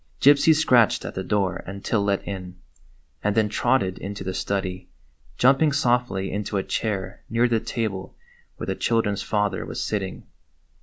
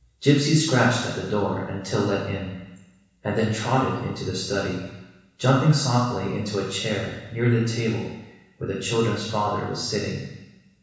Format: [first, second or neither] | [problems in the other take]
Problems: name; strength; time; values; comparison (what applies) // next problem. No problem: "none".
first | room echo; dies away in 1.1 s